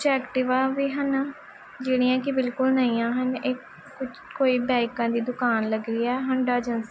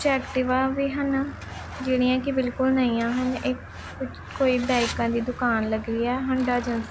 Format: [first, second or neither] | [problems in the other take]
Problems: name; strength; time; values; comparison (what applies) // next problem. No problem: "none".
first | background sound (Truck); 13 dB below the speech